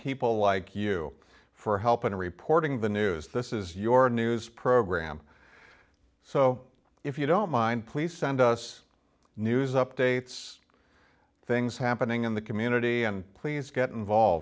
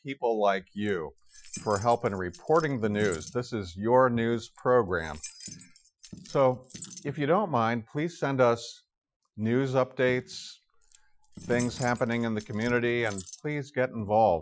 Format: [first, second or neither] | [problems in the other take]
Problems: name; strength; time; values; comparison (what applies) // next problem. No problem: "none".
first | noise reduction (classical method Wiener filter)